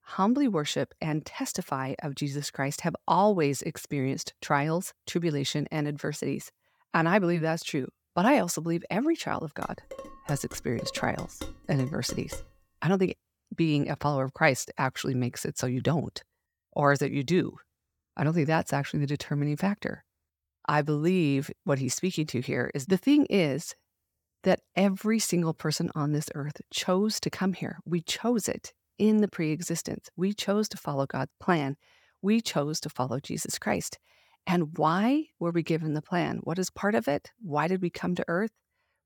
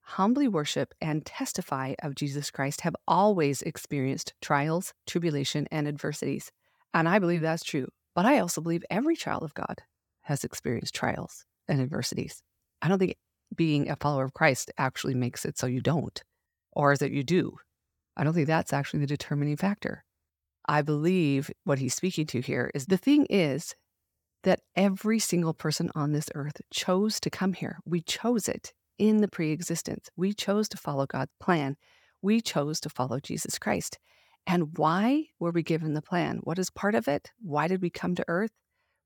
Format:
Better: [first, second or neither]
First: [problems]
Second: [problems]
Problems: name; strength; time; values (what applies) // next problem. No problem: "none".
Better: second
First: clattering dishes; faint; from 9.5 to 12 s; peak 10 dB below the speech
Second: none